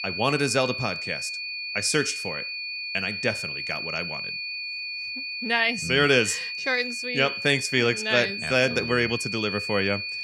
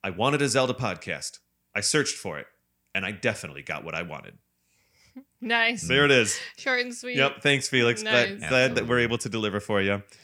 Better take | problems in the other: second | high-pitched whine; loud; throughout; 2.5 kHz, 5 dB below the speech

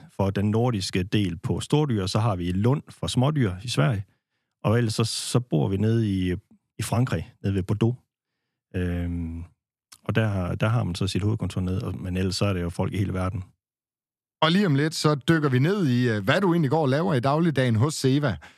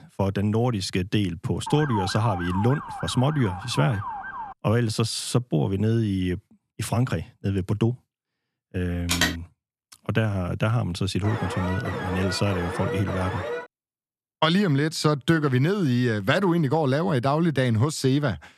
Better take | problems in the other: first | siren; noticeable; from 1.5 to 4.5 s; peak 6 dB below the speech // phone ringing; loud; at 9 s; peak 1 dB above the speech // alarm; noticeable; from 11 to 14 s; peak 6 dB below the speech

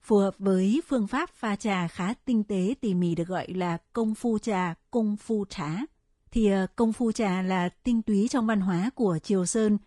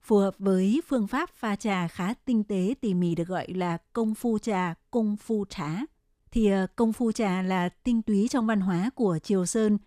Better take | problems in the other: second | garbled, watery; slightly

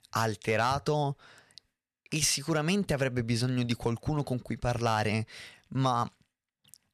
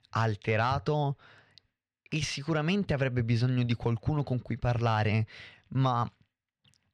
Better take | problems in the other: first | muffled; very slightly; fading above 3 kHz

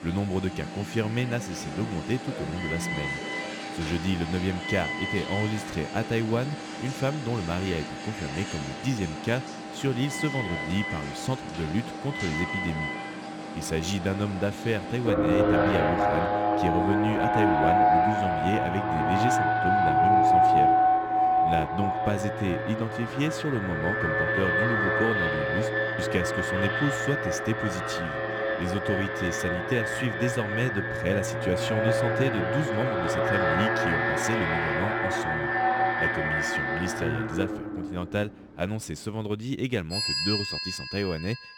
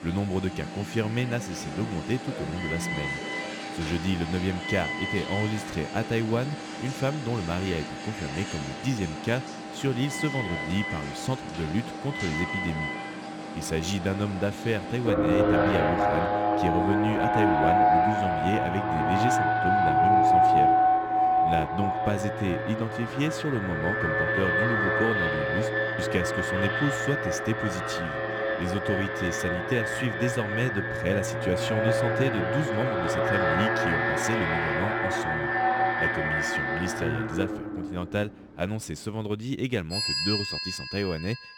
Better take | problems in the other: neither | alarms or sirens; very loud; throughout; 4 dB above the speech; the same in both

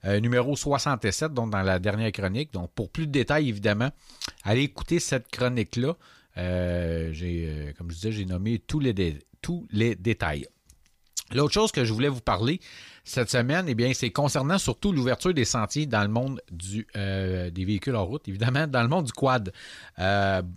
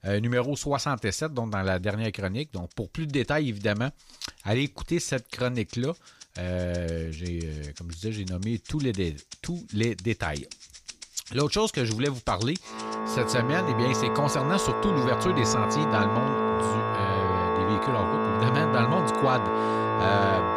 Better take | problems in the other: first | background music; very loud; throughout; 2 dB above the speech

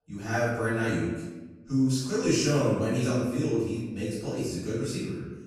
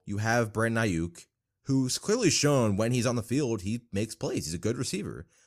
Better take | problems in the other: second | off-mic speech; far // room echo; strong; dies away in 1 s

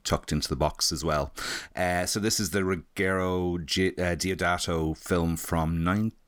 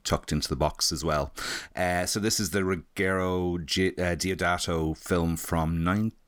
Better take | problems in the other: neither | none

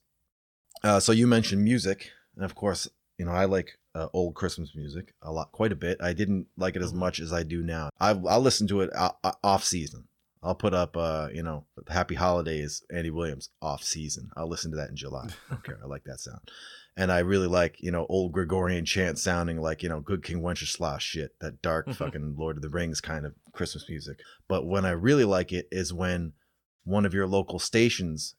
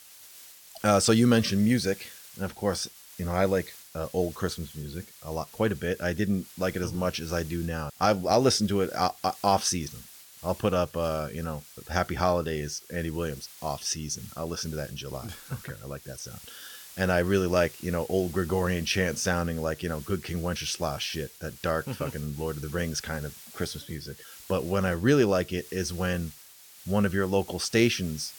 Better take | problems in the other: first | hiss; noticeable; throughout; 20 dB below the speech

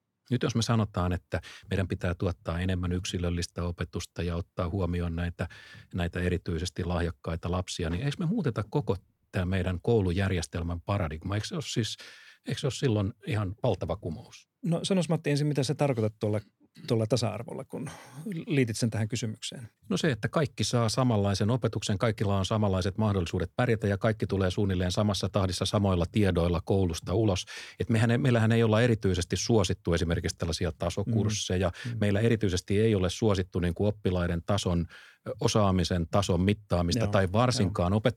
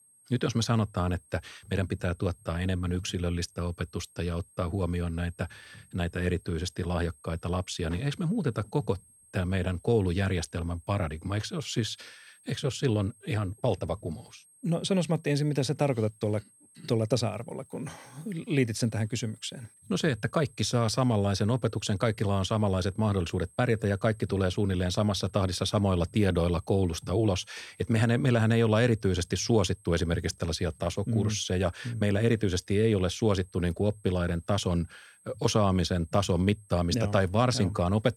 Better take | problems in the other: first | high-pitched whine; faint; throughout; 8.5 kHz, 30 dB below the speech

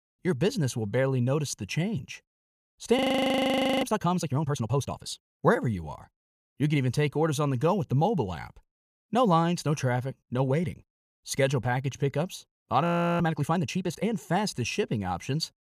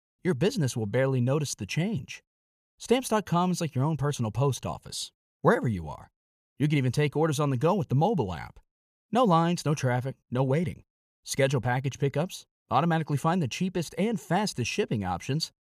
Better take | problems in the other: second | audio freezing; at 3 s for 1 s and at 13 s

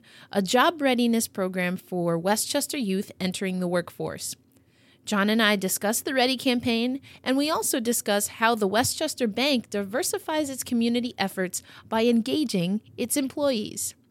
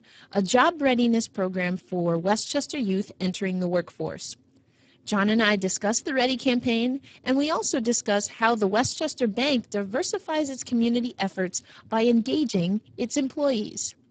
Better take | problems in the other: first | garbled, watery; badly; nothing above 7.5 kHz

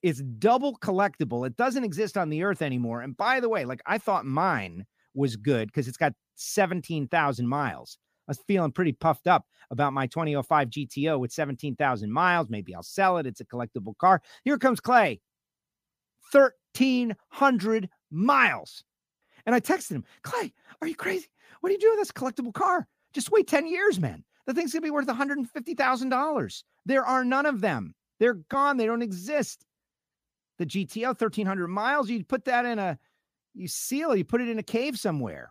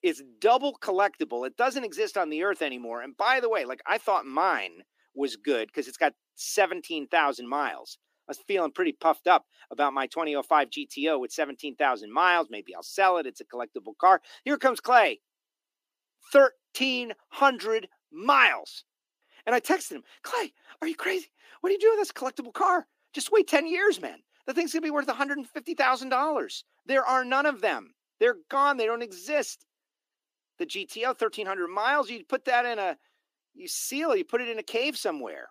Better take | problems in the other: first | thin; somewhat; fading below 300 Hz

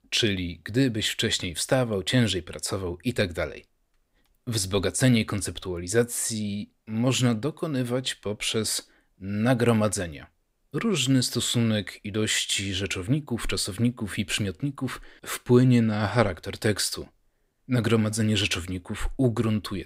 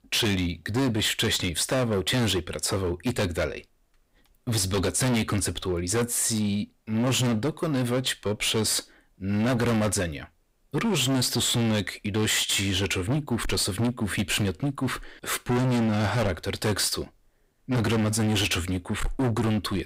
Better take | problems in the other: first | distortion; heavy; 21% of the sound clipped

